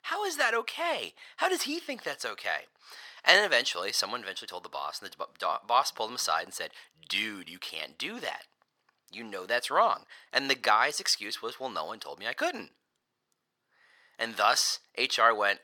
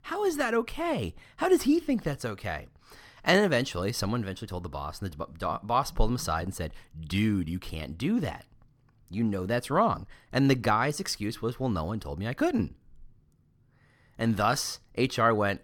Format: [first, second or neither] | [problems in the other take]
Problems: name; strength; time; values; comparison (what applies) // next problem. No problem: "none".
second | thin; very; fading below 700 Hz